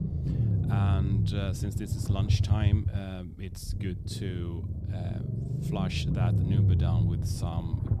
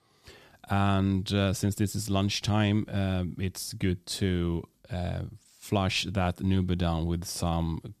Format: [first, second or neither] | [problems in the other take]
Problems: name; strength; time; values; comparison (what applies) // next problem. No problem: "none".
second | low rumble; loud; throughout; 1 dB below the speech